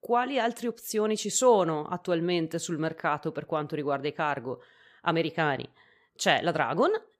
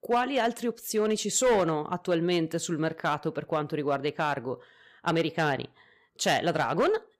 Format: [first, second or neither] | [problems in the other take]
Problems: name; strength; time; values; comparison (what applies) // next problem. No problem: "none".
first | distortion; slight; 4% of the sound clipped